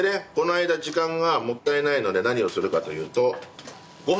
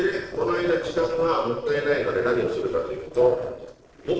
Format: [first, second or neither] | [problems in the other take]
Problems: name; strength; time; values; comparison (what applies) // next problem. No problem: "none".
first | noise reduction (neural separator model SepFormer DNS4)